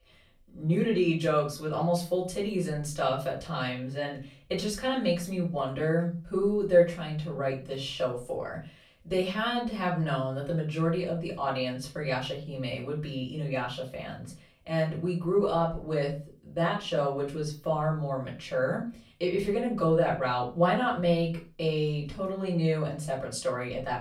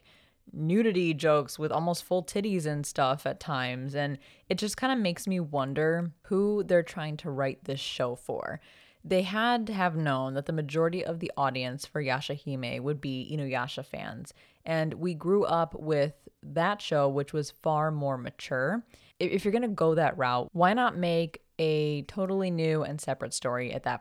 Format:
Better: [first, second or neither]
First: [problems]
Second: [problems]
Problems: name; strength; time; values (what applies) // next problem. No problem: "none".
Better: second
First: off-mic speech; far // room echo; slight; dies away in 0.3 s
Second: none